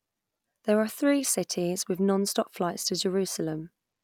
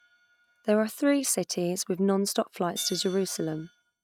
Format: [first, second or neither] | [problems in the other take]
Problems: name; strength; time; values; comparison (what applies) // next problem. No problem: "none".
first | noise reduction (neural mask model RNNoise)